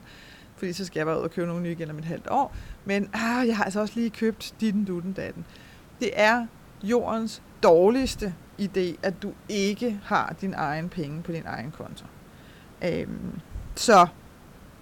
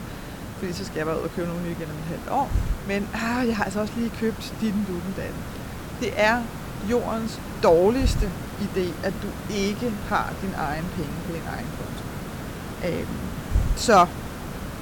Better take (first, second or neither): first